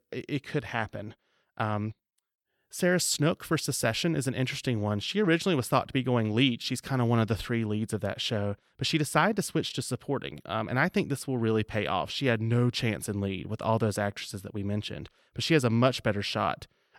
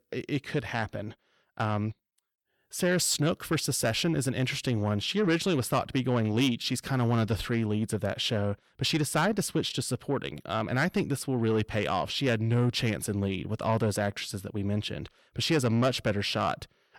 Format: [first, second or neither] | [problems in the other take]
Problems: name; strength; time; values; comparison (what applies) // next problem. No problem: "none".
first | distortion; slight; 10 dB below the speech